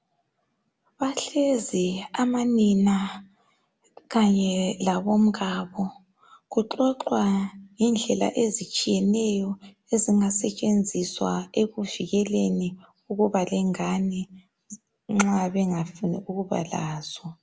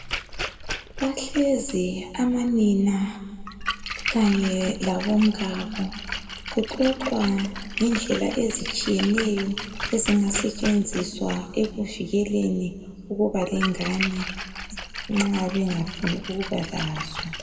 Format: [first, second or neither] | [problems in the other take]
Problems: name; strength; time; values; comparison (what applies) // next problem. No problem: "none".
first | background sound (Splash, splatter); 9 dB below the speech // room echo; dies away in 1.3 s